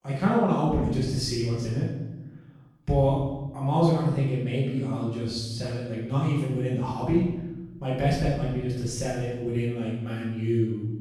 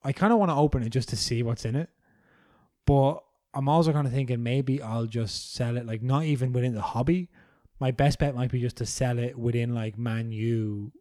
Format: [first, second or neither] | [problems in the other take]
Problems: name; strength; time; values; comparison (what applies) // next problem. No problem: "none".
second | off-mic speech; far // room echo; noticeable; dies away in 0.9 s